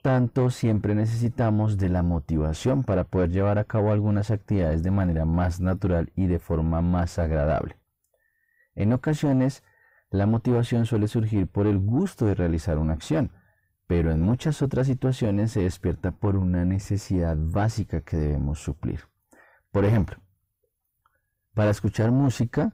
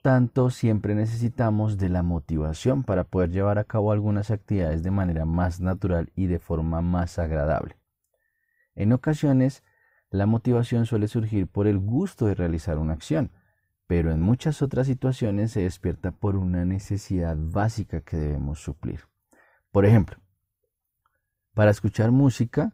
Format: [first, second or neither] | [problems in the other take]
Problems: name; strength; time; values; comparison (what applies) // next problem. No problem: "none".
second | distortion; slight; 10 dB below the speech